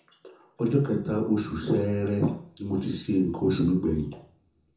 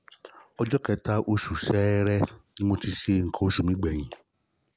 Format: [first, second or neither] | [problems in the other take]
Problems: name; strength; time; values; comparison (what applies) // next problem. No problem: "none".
second | room echo; dies away in 0.6 s